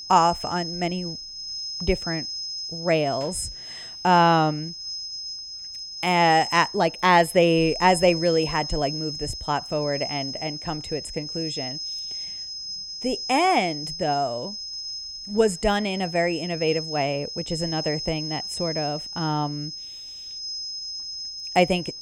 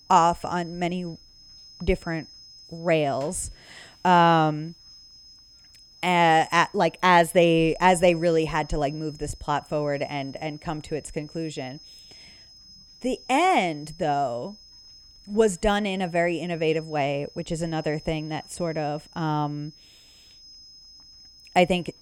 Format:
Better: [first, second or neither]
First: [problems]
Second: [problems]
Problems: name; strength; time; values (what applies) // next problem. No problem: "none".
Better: second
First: high-pitched whine; loud; throughout; 5 kHz, 7 dB below the speech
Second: high-pitched whine; faint; throughout; 5 kHz, 25 dB below the speech